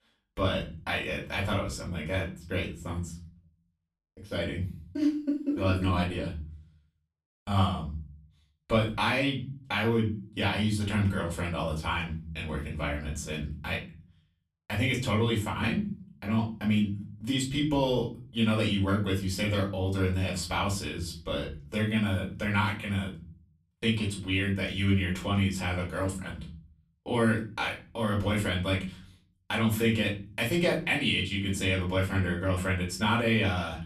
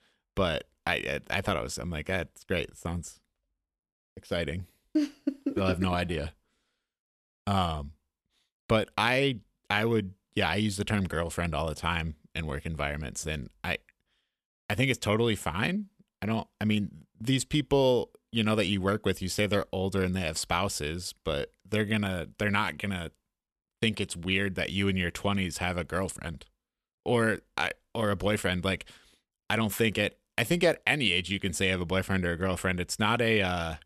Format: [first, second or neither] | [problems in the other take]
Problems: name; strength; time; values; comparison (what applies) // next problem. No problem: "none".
second | room echo; slight; dies away in 0.5 s // off-mic speech; far